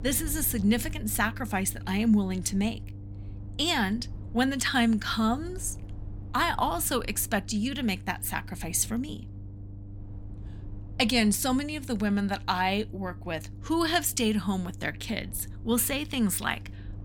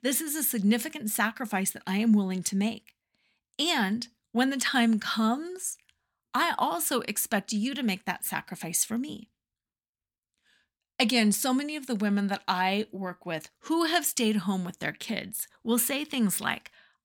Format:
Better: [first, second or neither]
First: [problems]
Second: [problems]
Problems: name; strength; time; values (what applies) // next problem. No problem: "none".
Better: second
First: low rumble; faint; throughout; 25 dB below the speech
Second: none